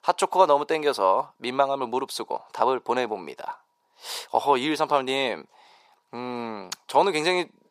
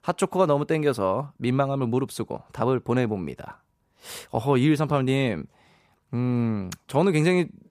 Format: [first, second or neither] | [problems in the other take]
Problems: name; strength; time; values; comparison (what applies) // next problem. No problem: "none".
second | thin; very; fading below 500 Hz